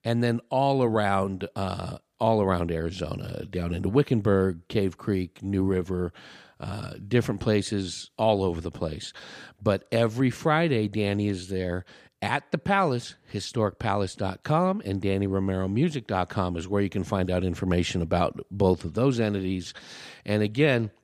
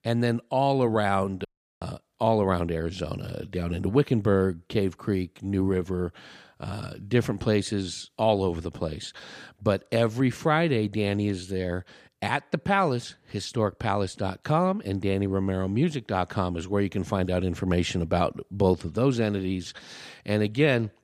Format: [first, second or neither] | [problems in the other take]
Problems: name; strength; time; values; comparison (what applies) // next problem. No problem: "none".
first | audio cutting out; at 1.5 s